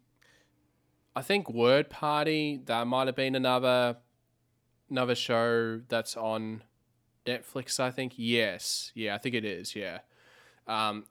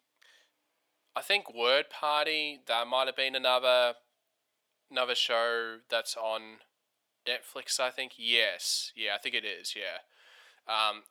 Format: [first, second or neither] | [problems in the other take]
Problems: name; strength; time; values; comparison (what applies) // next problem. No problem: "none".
first | thin; very; fading below 700 Hz